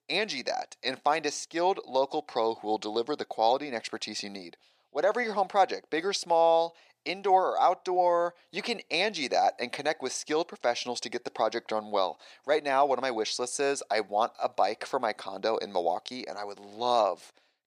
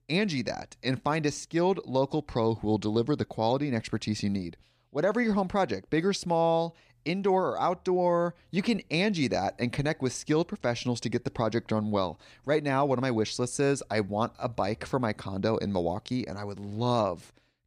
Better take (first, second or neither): second